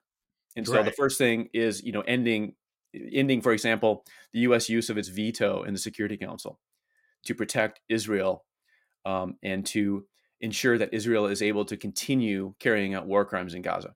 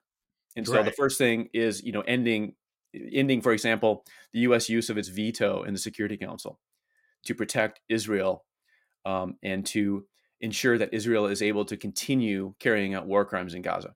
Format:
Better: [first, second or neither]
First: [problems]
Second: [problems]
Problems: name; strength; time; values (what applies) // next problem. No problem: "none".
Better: neither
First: none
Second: none